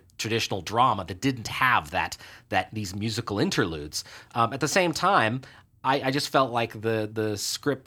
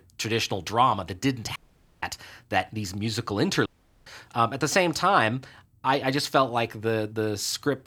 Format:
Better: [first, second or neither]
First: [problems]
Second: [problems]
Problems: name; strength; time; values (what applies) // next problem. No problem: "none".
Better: first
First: none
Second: audio cutting out; at 1.5 s and at 3.5 s